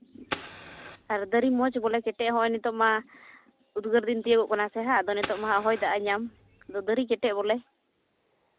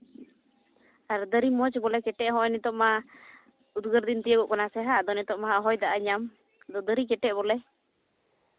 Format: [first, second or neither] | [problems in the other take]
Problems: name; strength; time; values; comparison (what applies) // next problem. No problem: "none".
second | background sound (Fire); 15 dB below the speech